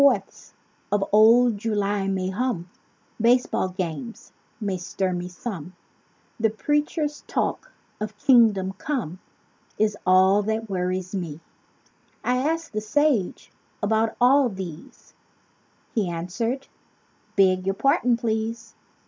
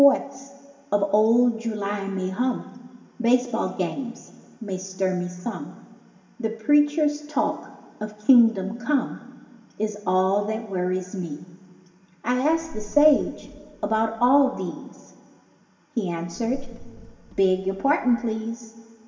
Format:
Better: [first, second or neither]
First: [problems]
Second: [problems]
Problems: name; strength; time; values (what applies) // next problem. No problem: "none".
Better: first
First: none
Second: background sound (Car); 15 dB below the speech // room echo; dies away in 1.9 s